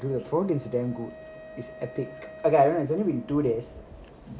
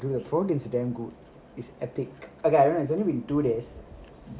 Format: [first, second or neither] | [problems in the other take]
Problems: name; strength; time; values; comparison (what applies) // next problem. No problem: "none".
second | background sound (Wind instrument, woodwind instrument); 19 dB below the speech